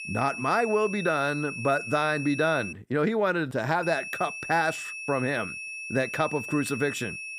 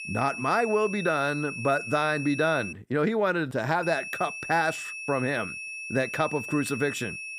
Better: neither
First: high-pitched whine; loud; until 2.5 s and from 4 s on; 2.5 kHz, 8 dB below the speech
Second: high-pitched whine; loud; until 2.5 s and from 4 s on; 2.5 kHz, 8 dB below the speech

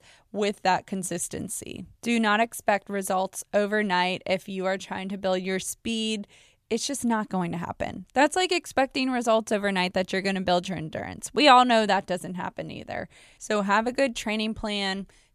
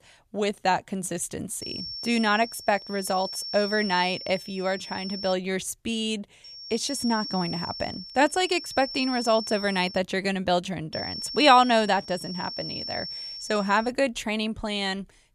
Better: first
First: none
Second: high-pitched whine; loud; from 1.5 to 5.5 s, from 6.5 to 10 s and from 11 to 14 s; 5.5 kHz, 9 dB below the speech

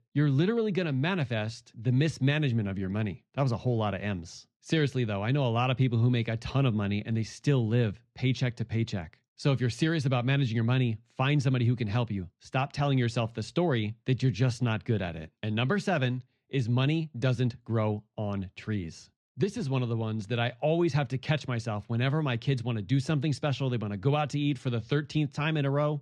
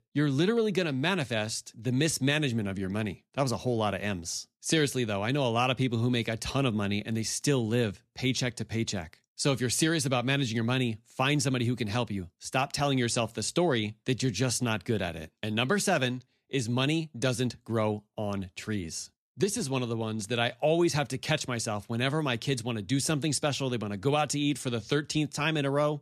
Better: second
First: muffled; slightly; fading above 3.5 kHz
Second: none

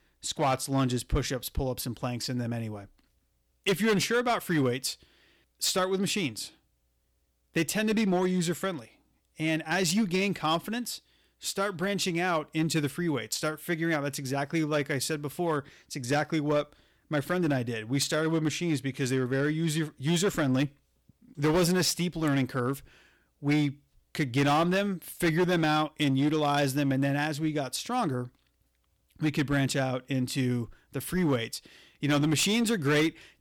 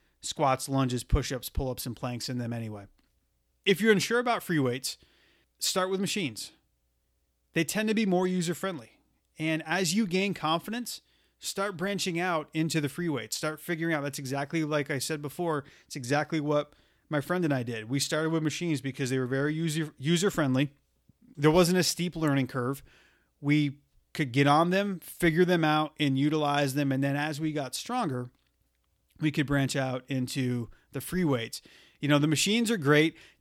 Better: second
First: distortion; slight; 5% of the sound clipped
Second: none

